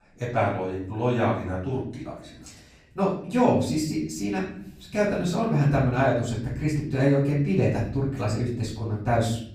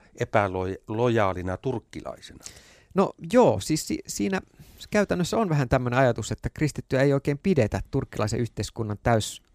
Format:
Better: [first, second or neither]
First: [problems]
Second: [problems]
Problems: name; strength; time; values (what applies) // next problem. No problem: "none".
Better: second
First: off-mic speech; far // room echo; noticeable; dies away in 0.7 s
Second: none